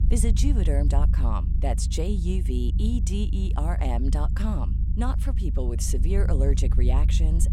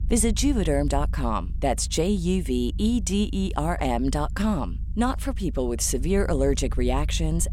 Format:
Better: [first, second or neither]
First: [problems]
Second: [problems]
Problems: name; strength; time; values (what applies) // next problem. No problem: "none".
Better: second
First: low rumble; loud; throughout; 8 dB below the speech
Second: low rumble; faint; throughout; 20 dB below the speech